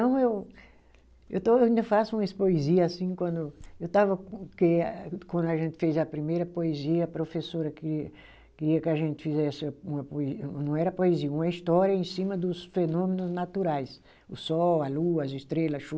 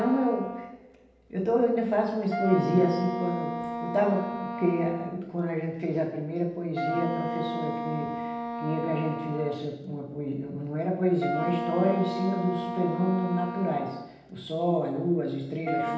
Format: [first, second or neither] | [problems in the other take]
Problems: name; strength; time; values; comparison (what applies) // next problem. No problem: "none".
first | background sound (Wind instrument, woodwind instrument); 6 dB below the speech // room echo; dies away in 0.9 s